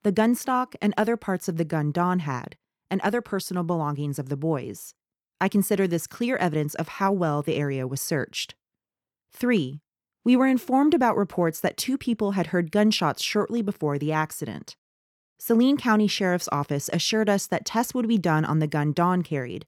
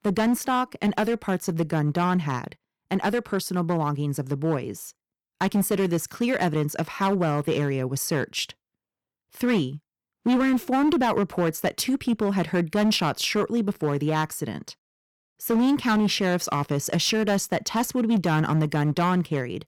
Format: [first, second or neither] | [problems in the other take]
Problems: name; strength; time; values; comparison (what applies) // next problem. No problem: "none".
first | distortion; slight; 9% of the sound clipped